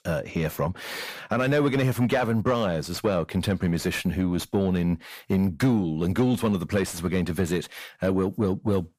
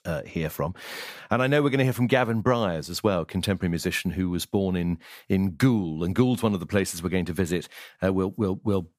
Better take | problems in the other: second | distortion; slight; 10 dB below the speech

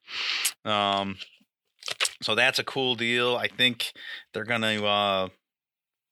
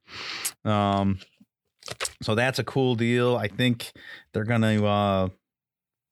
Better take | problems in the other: second | thin; somewhat; fading below 650 Hz

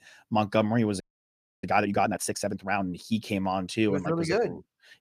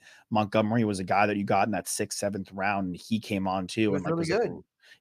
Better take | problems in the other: second | audio freezing; at 1 s for 0.5 s

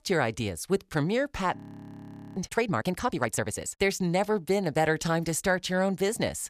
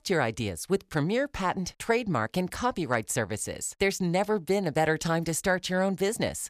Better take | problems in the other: second | audio freezing; at 1.5 s for 1 s

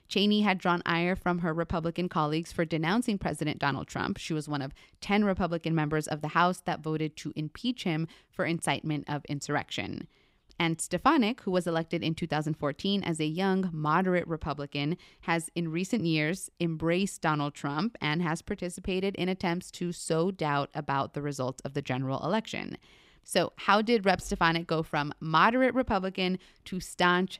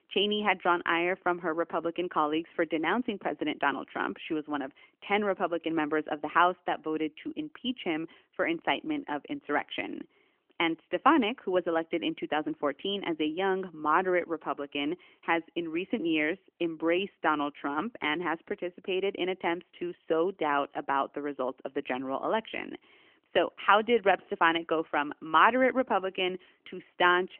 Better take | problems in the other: first | phone-call audio; nothing above 3 kHz

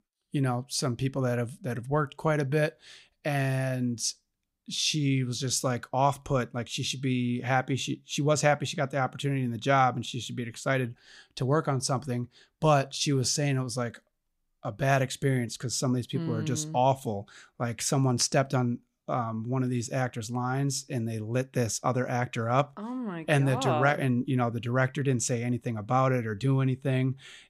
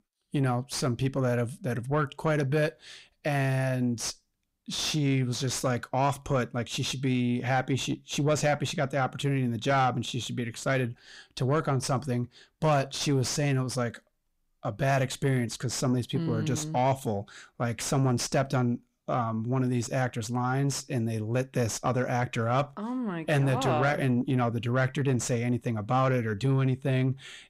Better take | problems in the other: first | distortion; slight; 10 dB below the speech

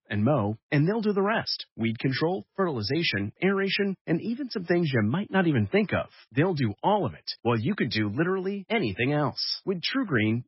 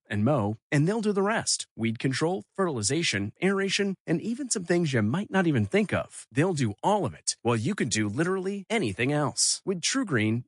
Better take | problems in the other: second | garbled, watery; badly; nothing above 5.5 kHz; slightly in the second

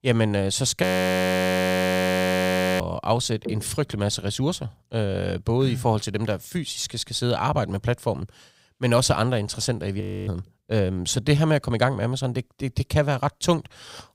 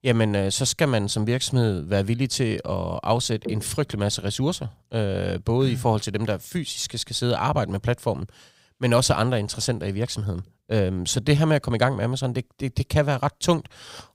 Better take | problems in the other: second | audio freezing; at 1 s for 2 s and at 10 s

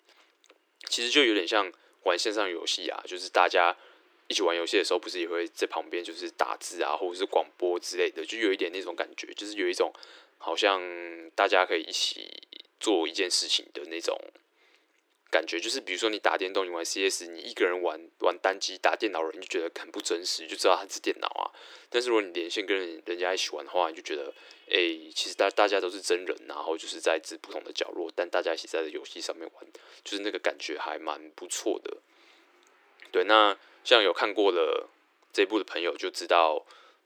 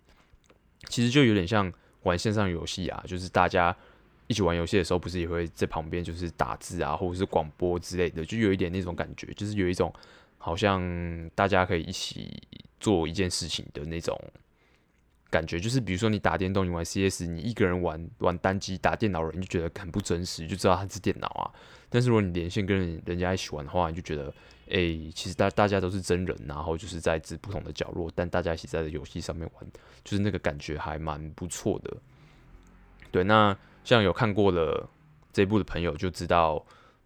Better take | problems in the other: second | thin; very; fading below 300 Hz

